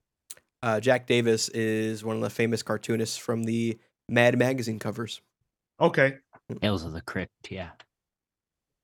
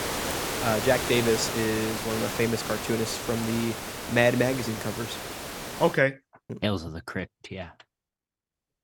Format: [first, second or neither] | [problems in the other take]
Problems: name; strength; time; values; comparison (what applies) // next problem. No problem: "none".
first | hiss; loud; until 6 s; 5 dB below the speech